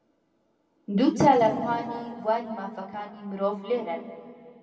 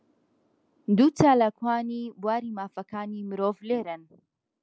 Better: second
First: room echo; dies away in 2.1 s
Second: none

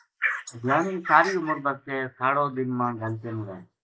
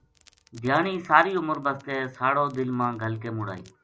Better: second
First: noise reduction (neural mask model Resemble Enhance denoiser)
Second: none

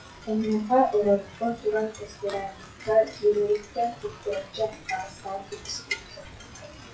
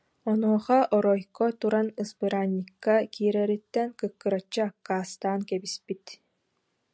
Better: second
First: noise reduction (classical method WPE with log-MMSE)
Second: none

